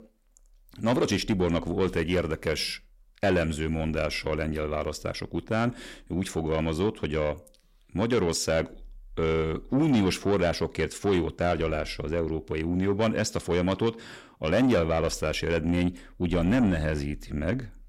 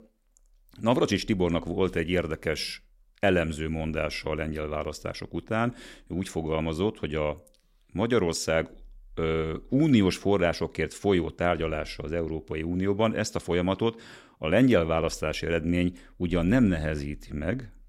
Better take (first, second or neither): second